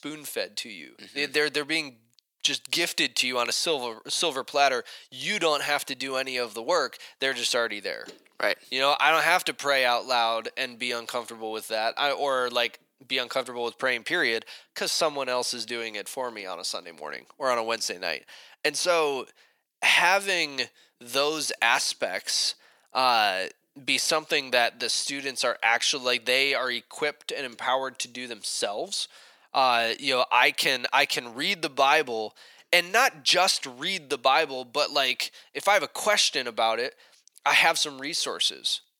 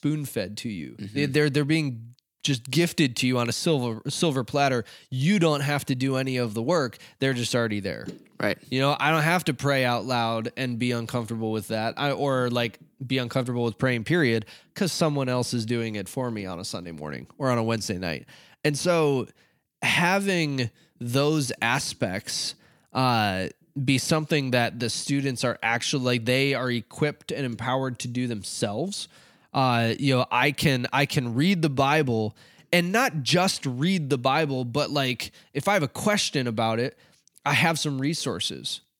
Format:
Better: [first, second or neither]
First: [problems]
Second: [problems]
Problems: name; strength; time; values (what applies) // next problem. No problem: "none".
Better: second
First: thin; very; fading below 650 Hz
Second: none